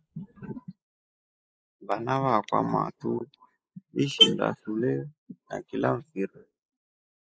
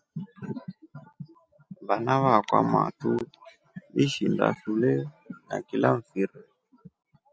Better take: second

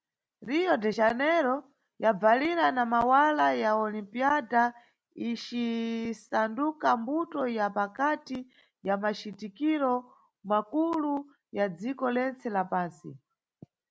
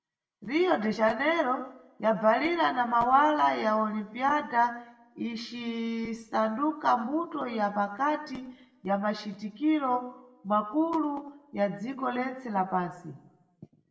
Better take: first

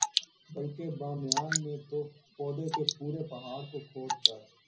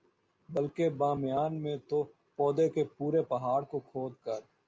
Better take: second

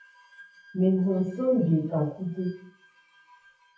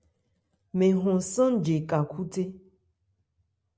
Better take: second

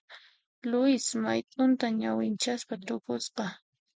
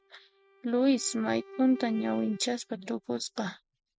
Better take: first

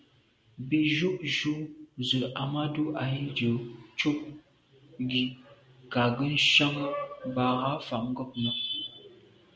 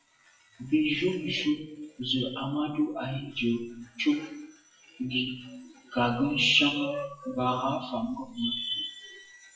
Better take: first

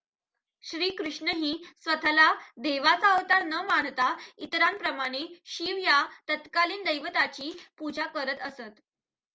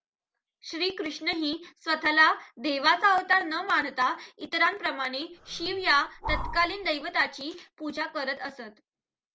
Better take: first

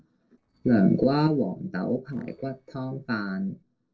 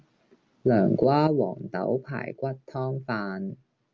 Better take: second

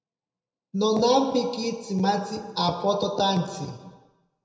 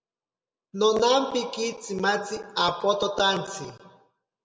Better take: second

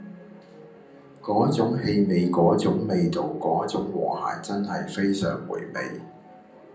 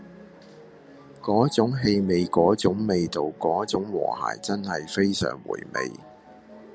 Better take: second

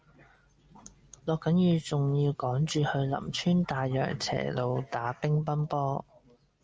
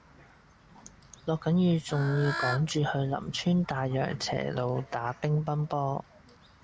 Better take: first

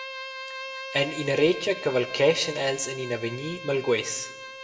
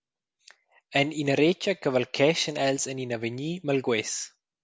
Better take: second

